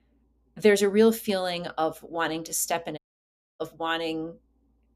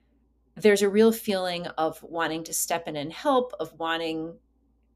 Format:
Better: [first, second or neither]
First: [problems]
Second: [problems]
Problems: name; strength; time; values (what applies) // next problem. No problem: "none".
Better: second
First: audio cutting out; at 3 s for 0.5 s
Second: none